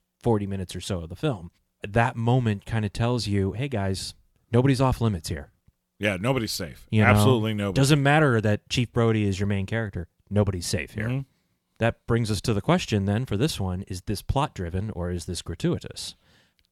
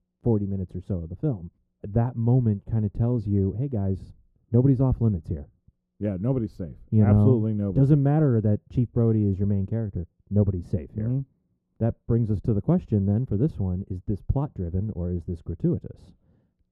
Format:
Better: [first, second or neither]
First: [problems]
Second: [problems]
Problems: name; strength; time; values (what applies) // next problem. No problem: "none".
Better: first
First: none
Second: muffled; very; fading above 1 kHz